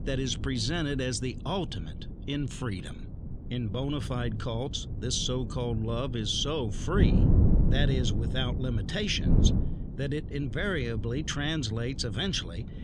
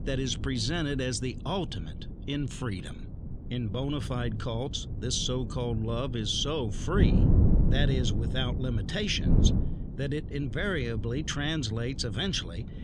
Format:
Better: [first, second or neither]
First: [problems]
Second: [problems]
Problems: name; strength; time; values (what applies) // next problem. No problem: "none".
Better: neither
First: wind noise on the microphone; heavy; 9 dB below the speech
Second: wind noise on the microphone; heavy; 9 dB below the speech